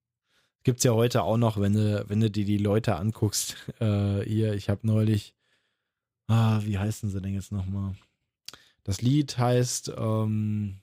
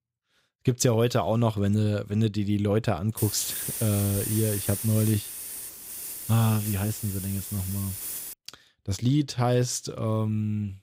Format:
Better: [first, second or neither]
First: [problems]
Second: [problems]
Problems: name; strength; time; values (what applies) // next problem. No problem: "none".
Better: first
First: none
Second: hiss; loud; from 3 to 8.5 s; 6 dB below the speech